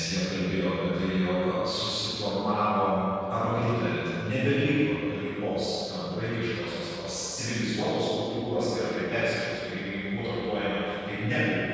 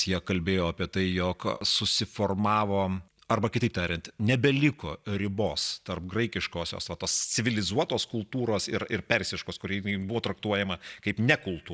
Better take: second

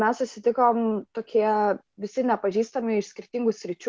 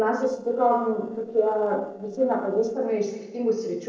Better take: first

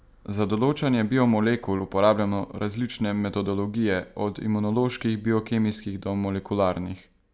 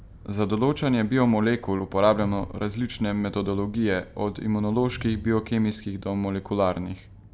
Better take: first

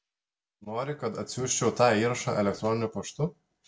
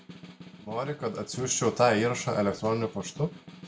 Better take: first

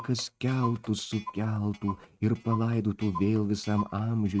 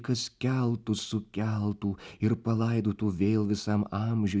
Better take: second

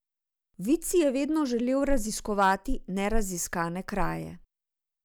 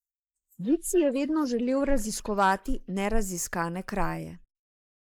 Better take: first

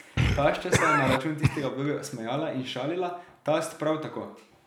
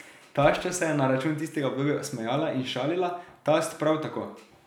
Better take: second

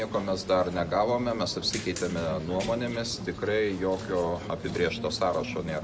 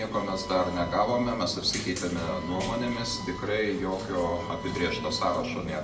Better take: first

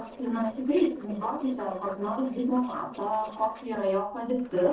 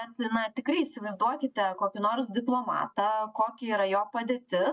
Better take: second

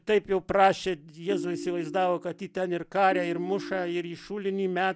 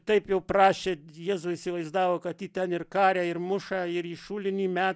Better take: second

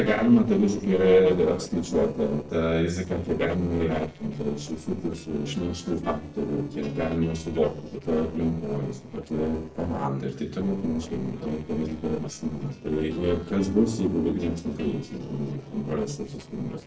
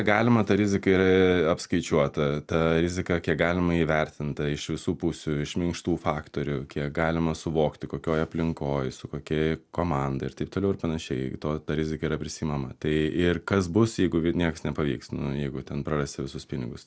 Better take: second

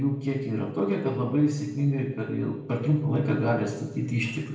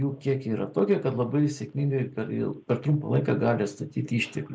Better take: second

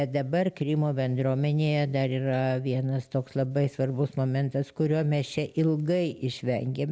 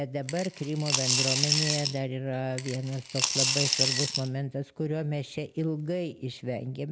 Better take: first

